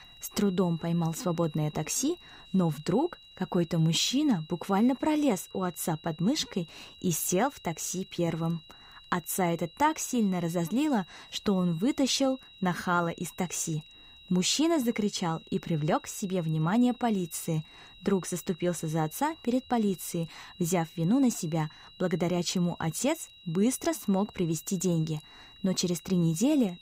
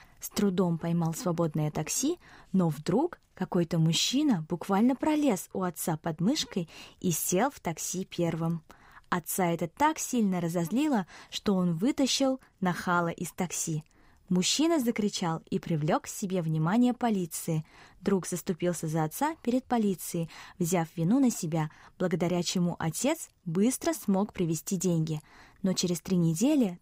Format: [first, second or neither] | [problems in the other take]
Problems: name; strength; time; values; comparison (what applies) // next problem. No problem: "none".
second | high-pitched whine; faint; throughout; 4 kHz, 20 dB below the speech